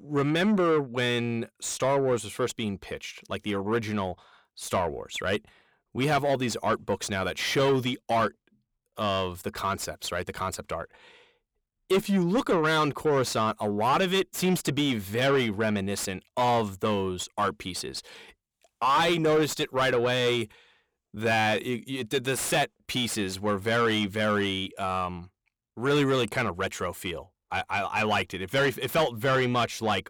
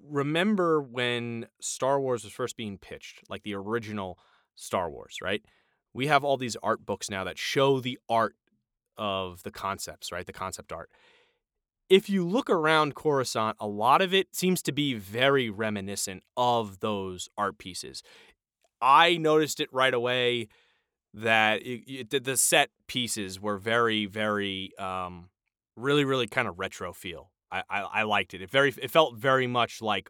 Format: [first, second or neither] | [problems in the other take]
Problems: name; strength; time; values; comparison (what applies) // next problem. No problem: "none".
second | distortion; heavy; 6 dB below the speech